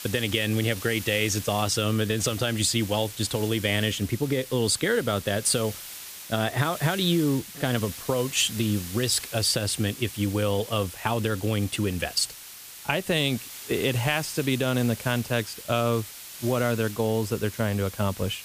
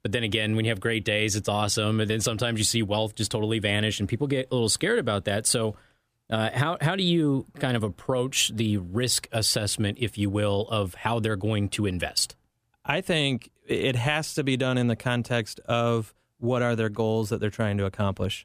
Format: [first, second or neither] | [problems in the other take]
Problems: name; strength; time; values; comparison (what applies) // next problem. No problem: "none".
second | hiss; noticeable; throughout; 10 dB below the speech